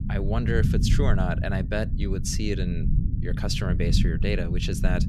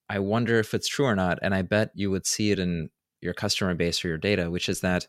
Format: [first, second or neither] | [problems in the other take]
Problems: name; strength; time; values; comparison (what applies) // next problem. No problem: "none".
second | low rumble; loud; throughout; 7 dB below the speech